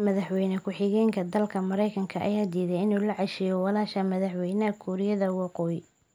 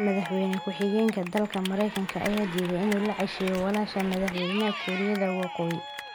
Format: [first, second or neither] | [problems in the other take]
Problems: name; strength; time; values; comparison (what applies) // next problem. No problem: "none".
first | background sound (Cheering / Clapping); 9 dB below the speech